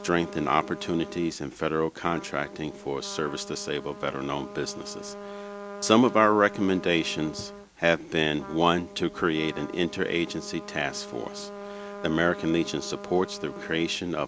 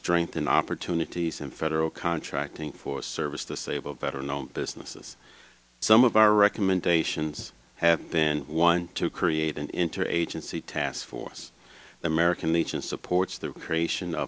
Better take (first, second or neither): second